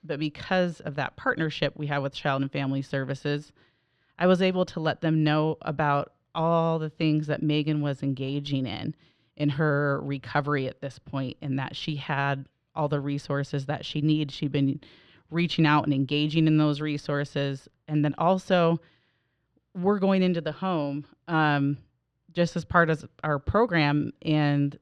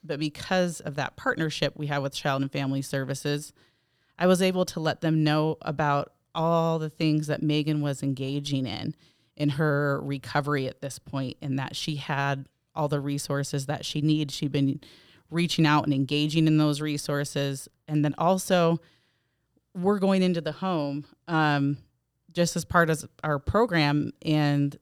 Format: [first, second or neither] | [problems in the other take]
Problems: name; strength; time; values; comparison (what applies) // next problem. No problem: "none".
second | muffled; very slightly; fading above 3 kHz